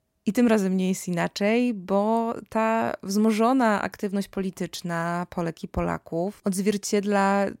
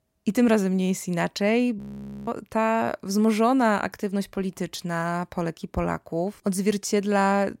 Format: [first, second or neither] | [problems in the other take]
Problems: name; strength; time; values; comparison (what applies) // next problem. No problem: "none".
first | audio freezing; at 2 s